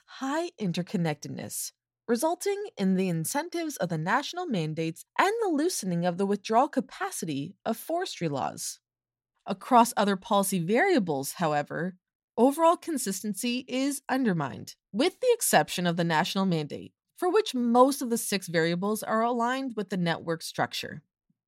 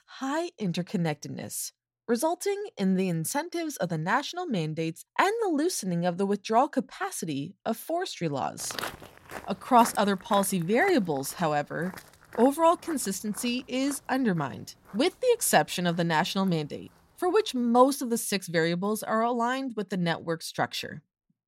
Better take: first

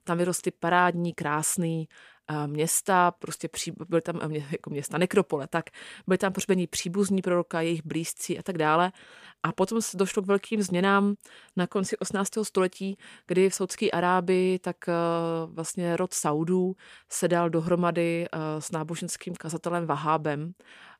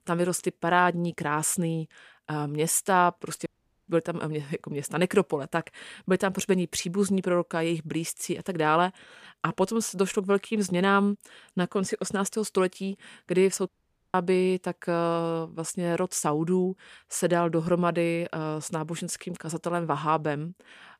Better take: first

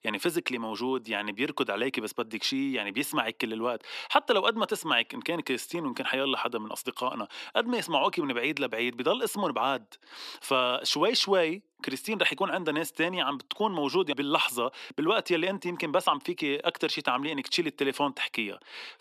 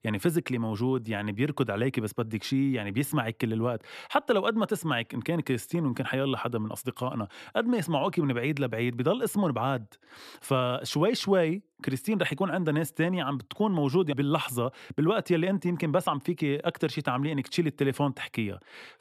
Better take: second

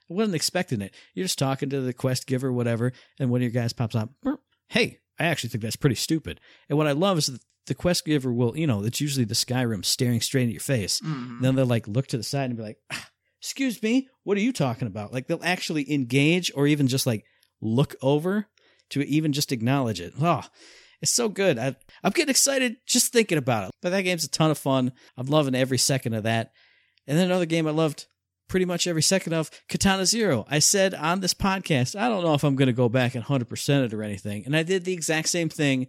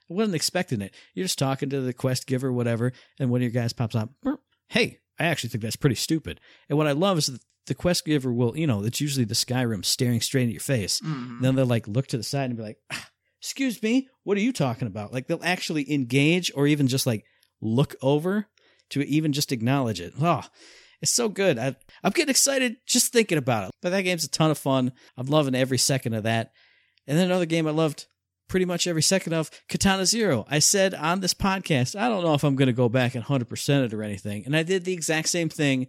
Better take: neither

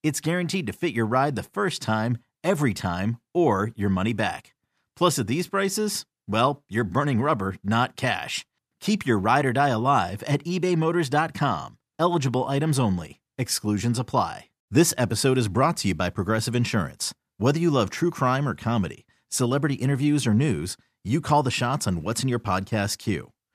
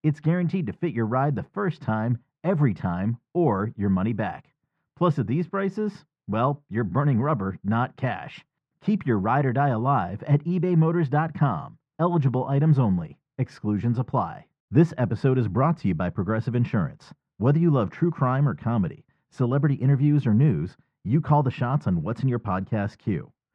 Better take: first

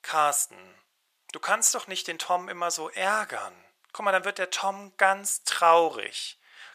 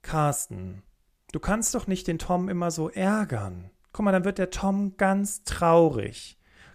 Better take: second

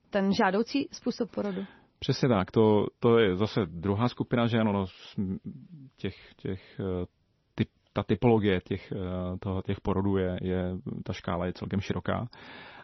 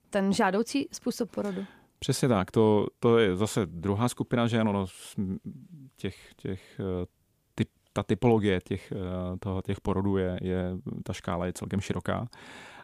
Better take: second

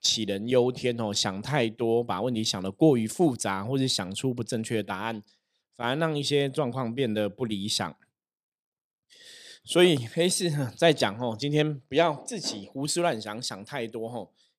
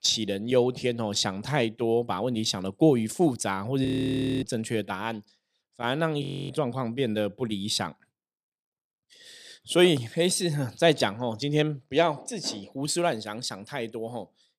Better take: first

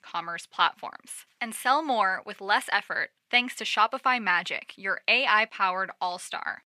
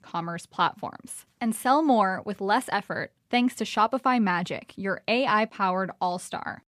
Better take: second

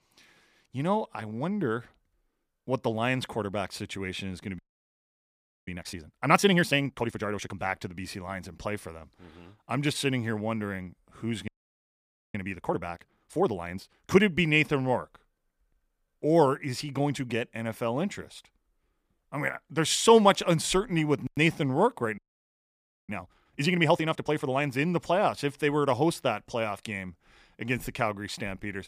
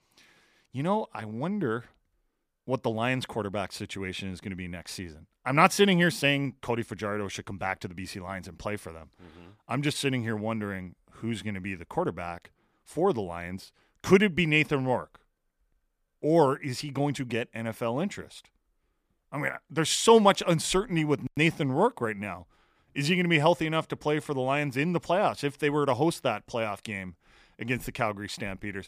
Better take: second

